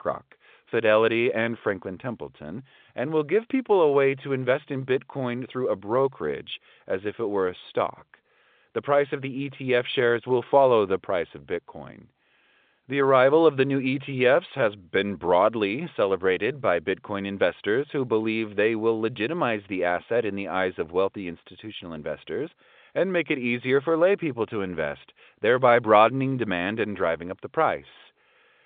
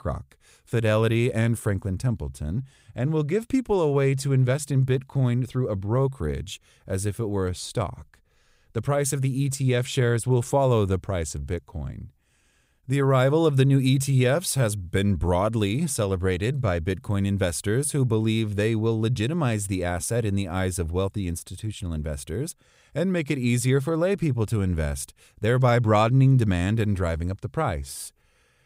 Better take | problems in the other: second | phone-call audio; nothing above 3.5 kHz

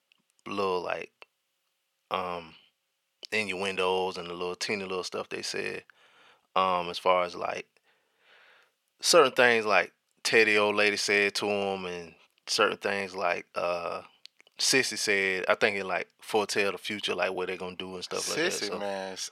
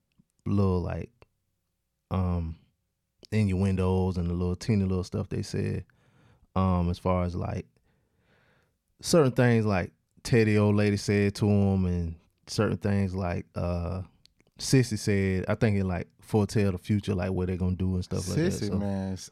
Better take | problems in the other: second | thin; very; fading below 600 Hz

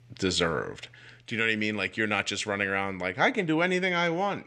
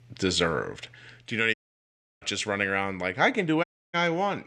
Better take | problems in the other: first | audio cutting out; at 1.5 s for 0.5 s and at 3.5 s

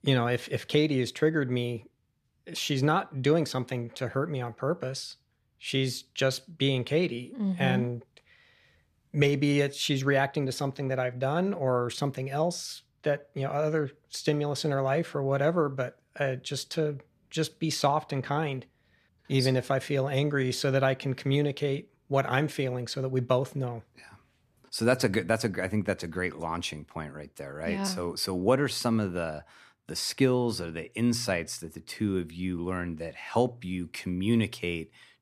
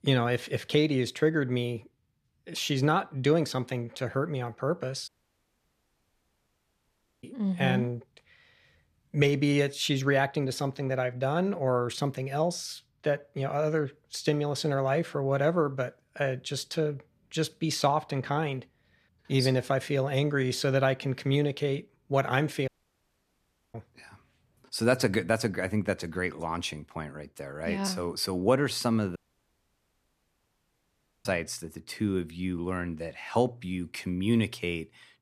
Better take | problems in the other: first | audio cutting out; at 5 s for 2 s, at 23 s for 1 s and at 29 s for 2 s

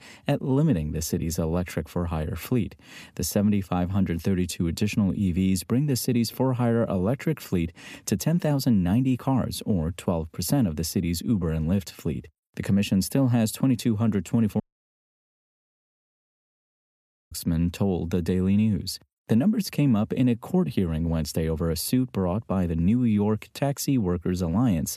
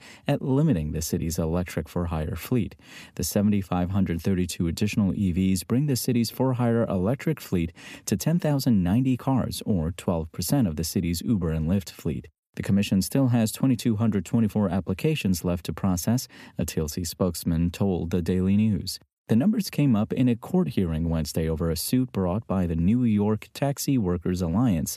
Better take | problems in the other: second | audio cutting out; at 15 s for 2.5 s

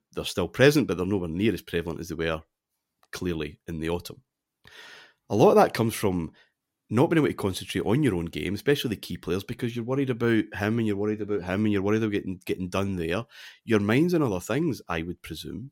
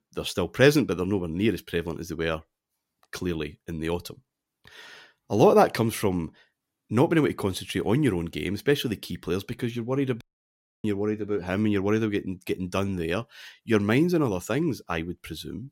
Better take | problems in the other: first | audio cutting out; at 10 s for 0.5 s

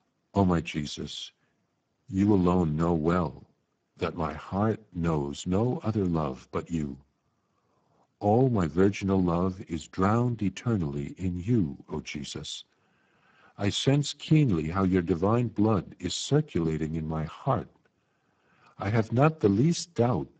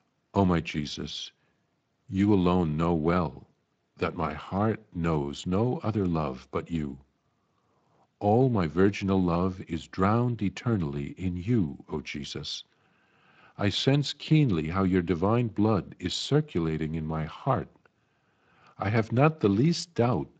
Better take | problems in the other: second | garbled, watery; badly; nothing above 7.5 kHz; slightly in the second

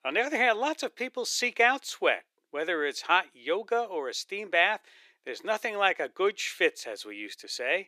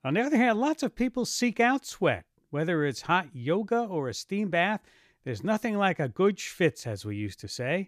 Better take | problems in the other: second | thin; very; fading below 400 Hz

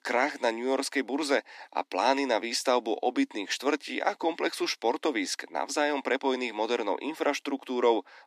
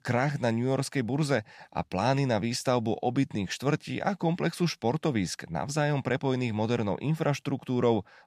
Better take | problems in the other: second | thin; somewhat; fading below 250 Hz

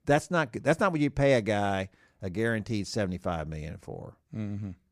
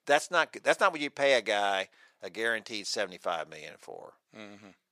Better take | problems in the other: first | thin; very; fading below 600 Hz

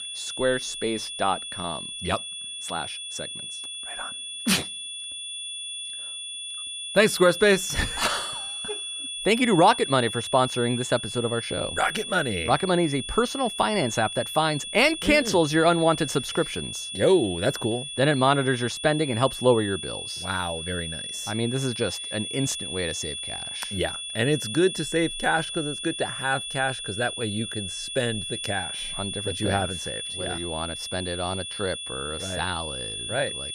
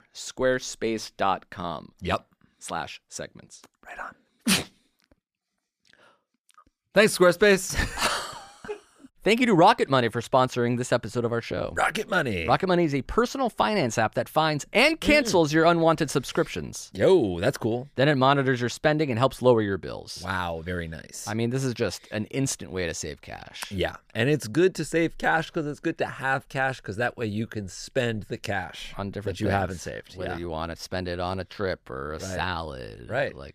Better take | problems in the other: second | high-pitched whine; loud; throughout; 3.5 kHz, 6 dB below the speech

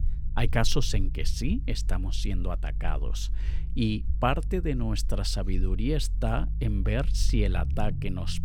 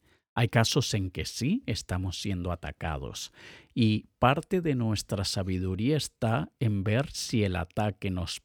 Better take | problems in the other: second | low rumble; noticeable; throughout; 20 dB below the speech

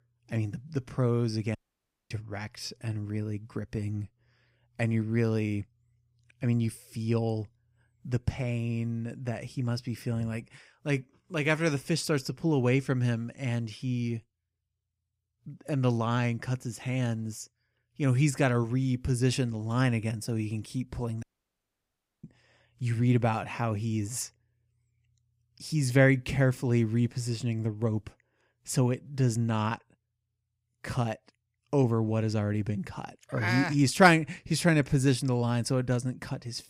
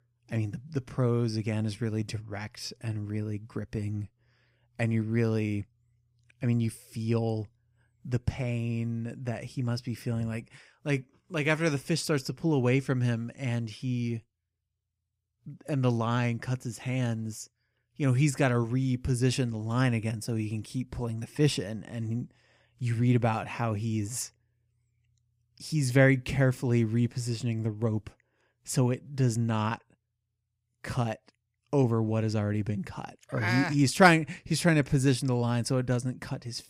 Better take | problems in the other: second | audio cutting out; at 1.5 s for 0.5 s and at 21 s for 1 s

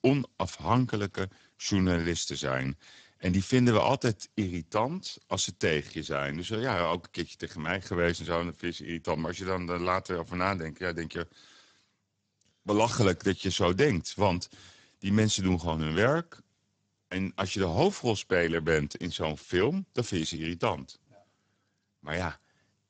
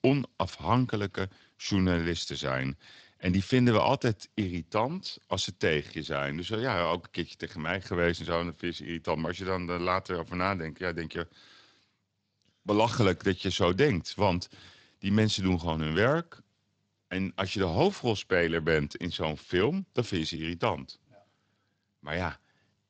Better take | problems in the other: second | garbled, watery; badly; nothing above 7.5 kHz; slightly in the second

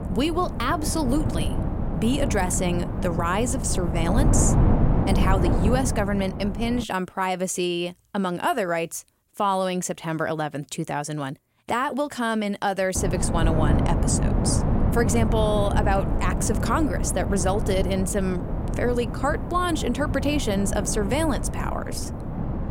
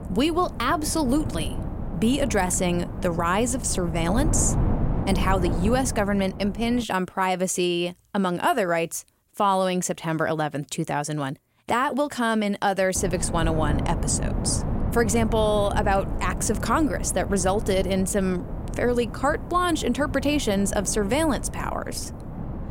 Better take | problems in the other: second | wind noise on the microphone; heavy; until 7 s and from 13 s on; 6 dB below the speech; occasional gusts in the second

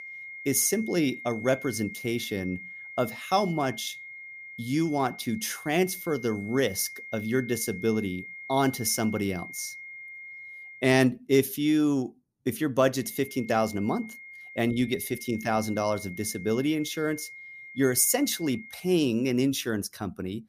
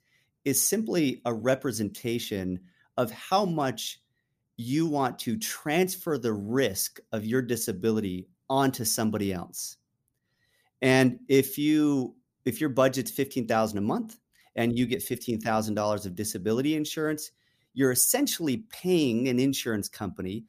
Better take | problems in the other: second | high-pitched whine; noticeable; until 11 s and from 13 to 19 s; 2 kHz, 15 dB below the speech

